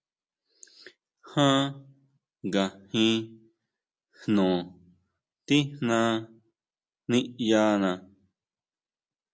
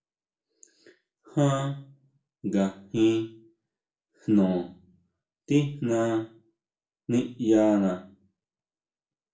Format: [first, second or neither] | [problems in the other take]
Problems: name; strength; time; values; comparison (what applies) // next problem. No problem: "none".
first | room echo; dies away in 0.3 s